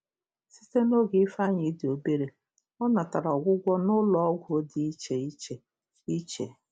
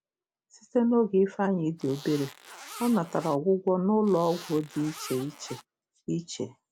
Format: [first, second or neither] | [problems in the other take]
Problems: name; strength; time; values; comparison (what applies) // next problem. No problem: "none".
first | background sound (Zipper (clothing)); 17 dB below the speech